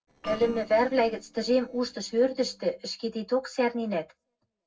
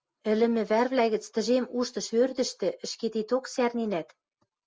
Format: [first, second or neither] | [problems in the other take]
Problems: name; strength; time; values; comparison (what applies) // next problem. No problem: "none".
second | noise reduction (neural separator model SepFormer DNS4)